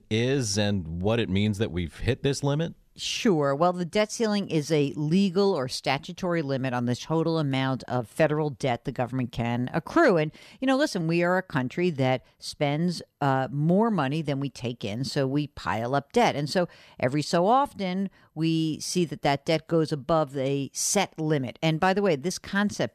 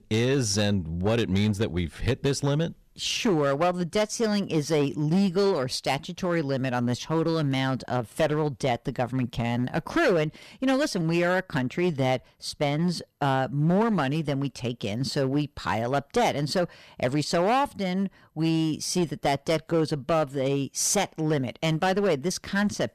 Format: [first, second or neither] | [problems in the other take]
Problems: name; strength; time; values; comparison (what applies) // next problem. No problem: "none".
first | distortion; slight; 8% of the sound clipped